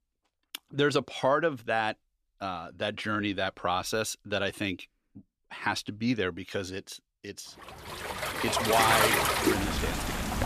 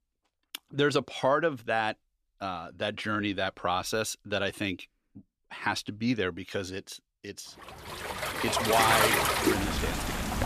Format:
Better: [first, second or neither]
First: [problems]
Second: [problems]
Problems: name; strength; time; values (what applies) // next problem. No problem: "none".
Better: neither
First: rain or running water; very loud; from 8 s on; 3 dB above the speech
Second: rain or running water; very loud; from 8 s on; 3 dB above the speech